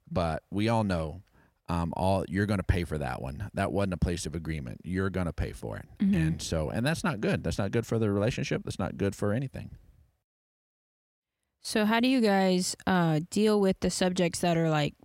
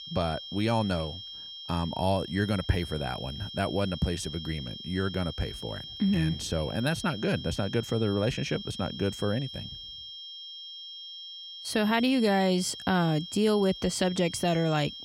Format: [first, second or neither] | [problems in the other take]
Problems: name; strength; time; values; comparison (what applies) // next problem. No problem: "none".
first | high-pitched whine; noticeable; throughout; 3 kHz, 10 dB below the speech